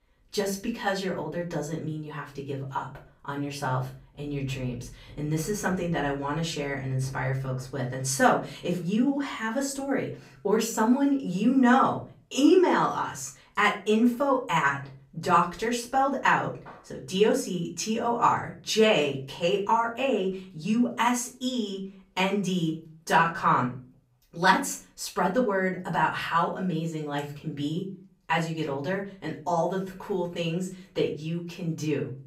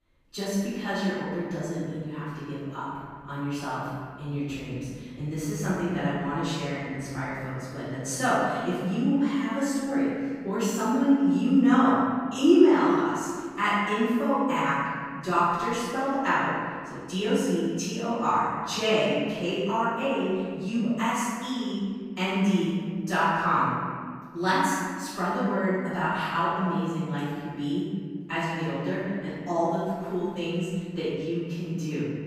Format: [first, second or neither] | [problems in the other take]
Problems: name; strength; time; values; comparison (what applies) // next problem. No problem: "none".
first | room echo; strong; dies away in 1.8 s; slight in the first // off-mic speech; far; far in the first